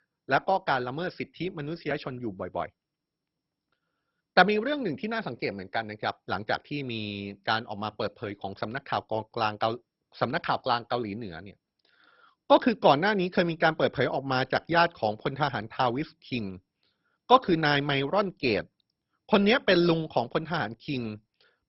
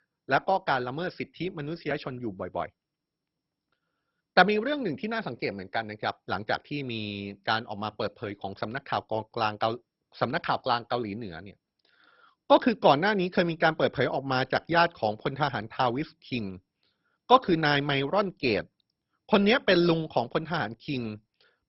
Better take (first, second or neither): neither